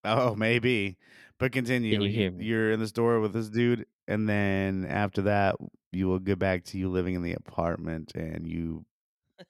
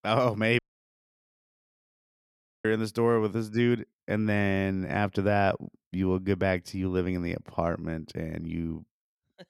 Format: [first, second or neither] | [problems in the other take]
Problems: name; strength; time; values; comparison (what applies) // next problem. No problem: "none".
first | audio cutting out; at 0.5 s for 2 s